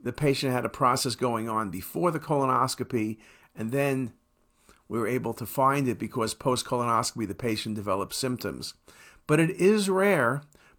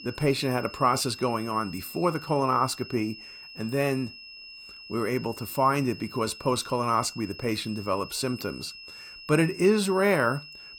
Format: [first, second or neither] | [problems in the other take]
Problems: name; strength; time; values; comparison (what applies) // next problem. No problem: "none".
first | high-pitched whine; noticeable; throughout; 2.5 kHz, 15 dB below the speech